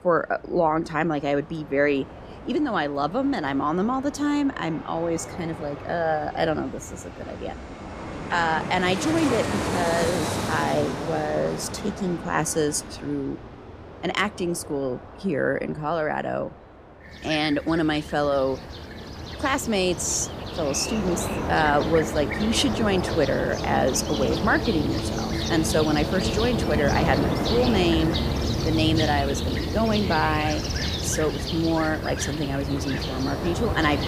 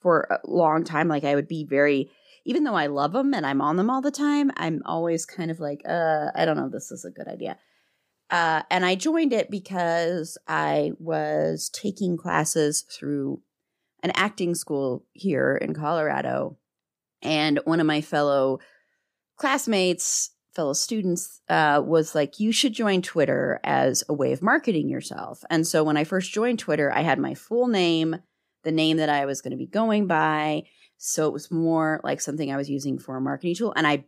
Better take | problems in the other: second | train or aircraft noise; loud; throughout; 4 dB below the speech

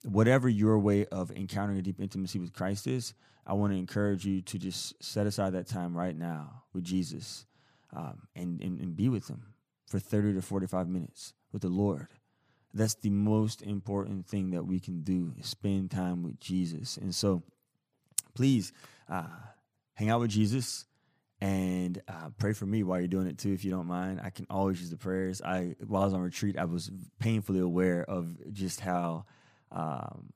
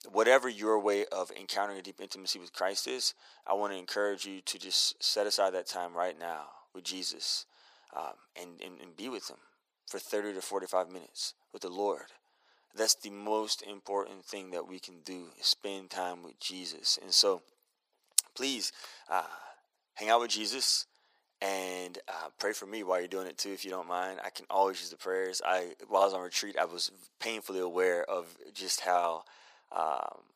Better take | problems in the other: first | thin; very; fading below 450 Hz

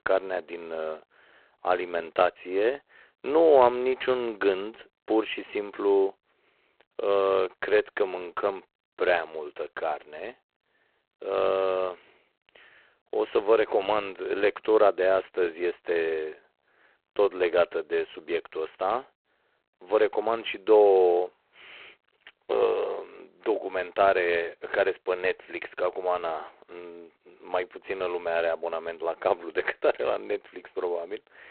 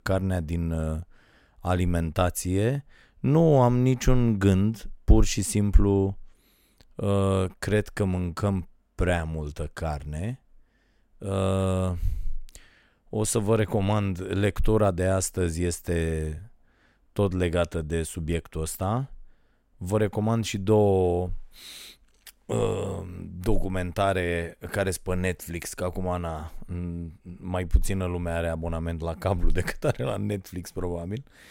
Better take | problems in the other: second | phone-call audio; poor line; nothing above 4 kHz

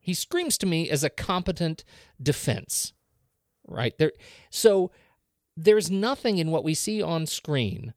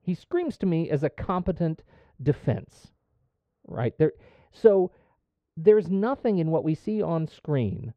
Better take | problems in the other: first | muffled; very; fading above 3.5 kHz

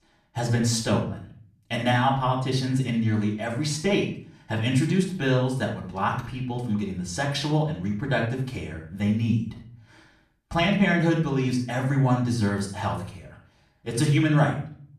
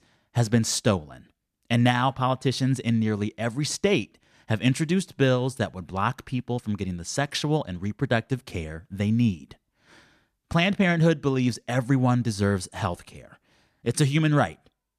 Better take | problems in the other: second | off-mic speech; far // room echo; noticeable; dies away in 0.4 s

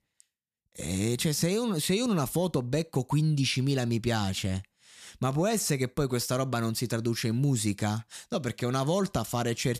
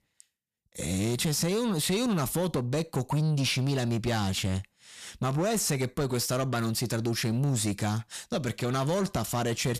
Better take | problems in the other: first | distortion; slight; 10 dB below the speech

